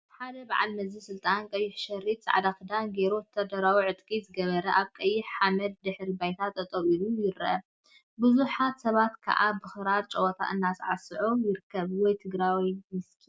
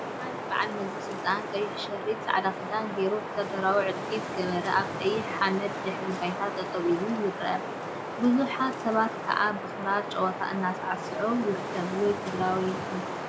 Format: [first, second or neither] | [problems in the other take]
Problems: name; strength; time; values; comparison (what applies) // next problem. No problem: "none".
first | background sound (Wind); 5 dB below the speech